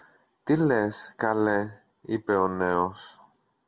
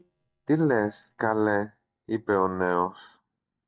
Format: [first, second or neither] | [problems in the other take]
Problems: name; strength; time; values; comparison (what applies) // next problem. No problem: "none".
first | noise reduction (neural mask model DeepFilterNet 3)